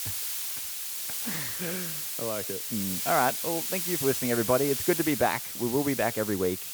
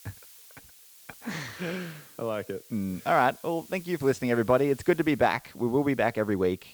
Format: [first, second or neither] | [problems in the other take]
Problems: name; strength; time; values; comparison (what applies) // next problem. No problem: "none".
second | hiss; loud; throughout; 1 dB below the speech; faint in the second